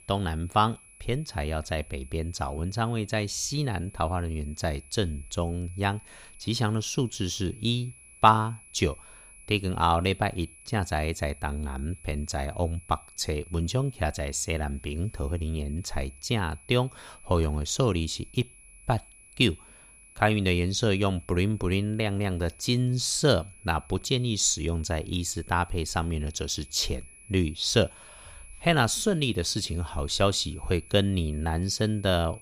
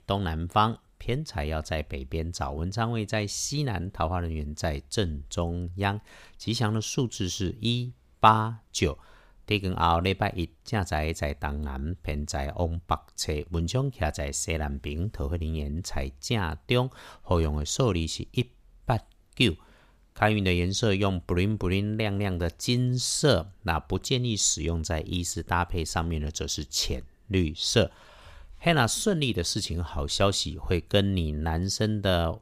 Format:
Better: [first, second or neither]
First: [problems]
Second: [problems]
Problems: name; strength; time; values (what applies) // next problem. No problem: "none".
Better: second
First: high-pitched whine; faint; throughout; 10.5 kHz, 20 dB below the speech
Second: none